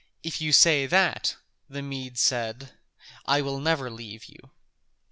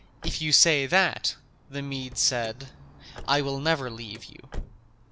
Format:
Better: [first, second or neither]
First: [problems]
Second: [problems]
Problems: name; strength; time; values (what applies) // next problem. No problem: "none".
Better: first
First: none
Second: background sound (Car); 13 dB below the speech